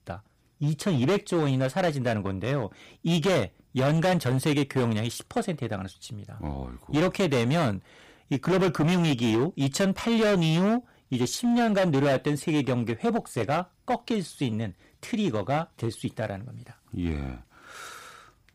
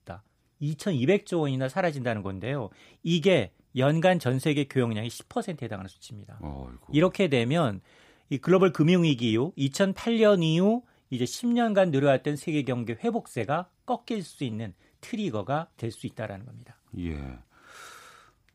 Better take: second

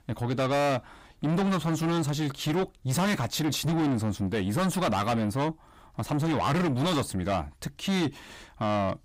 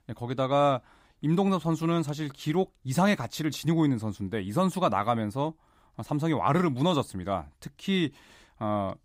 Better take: second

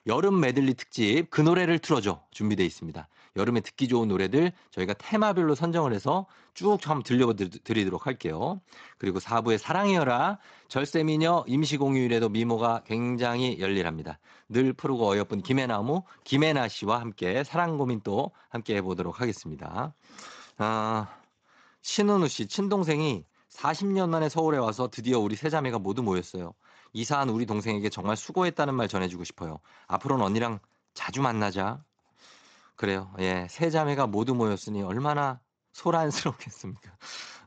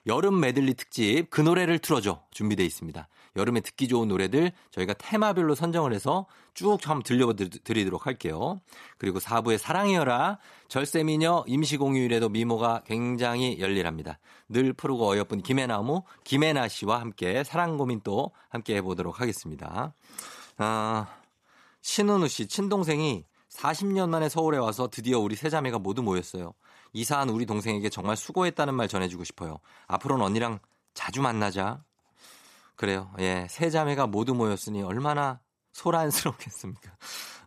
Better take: second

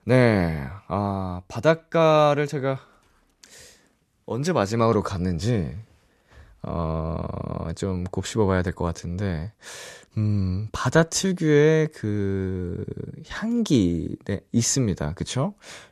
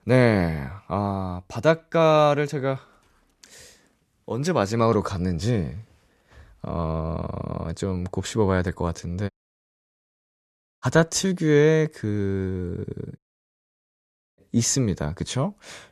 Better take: first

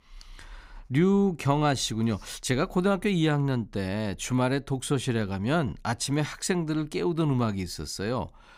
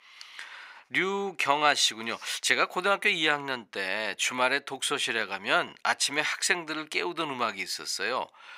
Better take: first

